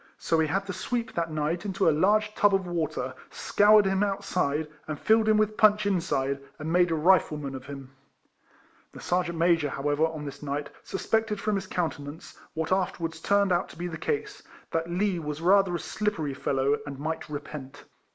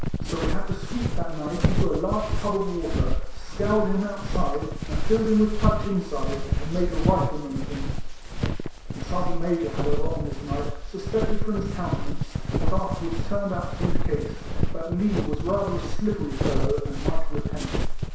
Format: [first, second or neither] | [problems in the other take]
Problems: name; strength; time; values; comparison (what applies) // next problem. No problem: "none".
first | background sound (Walk, footsteps); 4 dB above the speech // room echo; dies away in 0.7 s